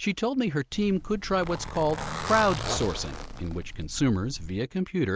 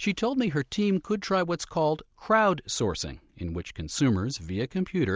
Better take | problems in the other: second | background sound (Zipper (clothing)); 8 dB below the speech

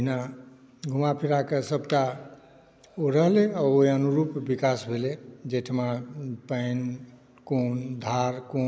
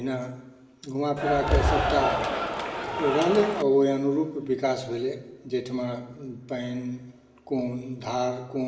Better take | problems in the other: first | background sound (Cheering); 1 dB above the speech // room echo; dies away in 0.9 s

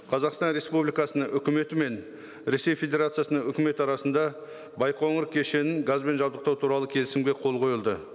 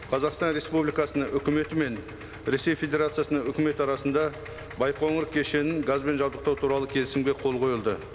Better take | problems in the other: first | background sound (Idling); 17 dB below the speech

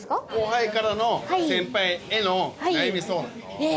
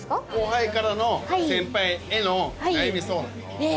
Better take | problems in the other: first | background sound (Musical instrument); 16 dB below the speech

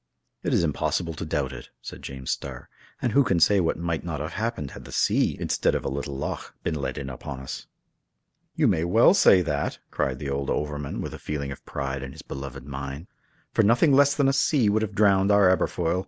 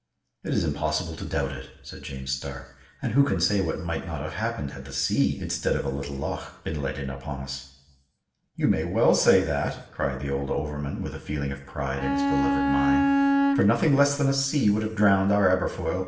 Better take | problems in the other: first | background sound (Bowed string instrument); 3 dB above the speech // room echo; dies away in 0.7 s

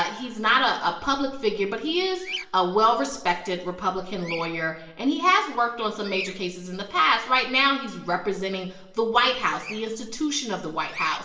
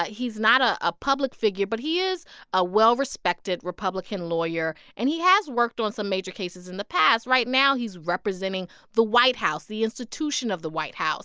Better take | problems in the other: second | background sound (Bird vocalization, bird call, bird song); 18 dB below the speech // room echo; dies away in 0.8 s

